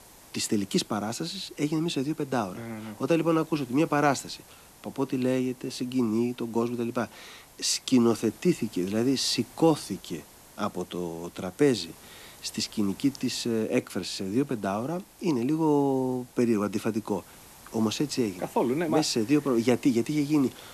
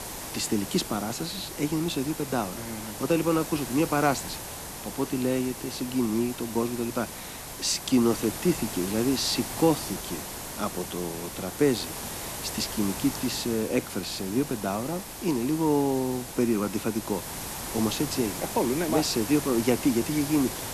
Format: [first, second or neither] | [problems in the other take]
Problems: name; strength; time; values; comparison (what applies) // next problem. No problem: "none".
first | hiss; loud; throughout; 7 dB below the speech; faint in the first